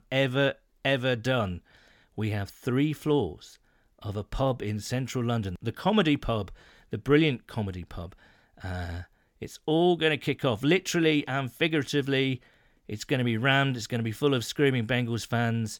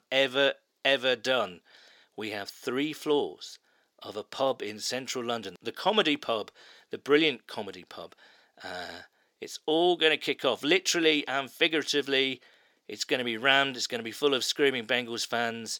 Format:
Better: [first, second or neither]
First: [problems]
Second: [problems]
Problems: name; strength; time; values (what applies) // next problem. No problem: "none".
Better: first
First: none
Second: thin; somewhat; fading below 400 Hz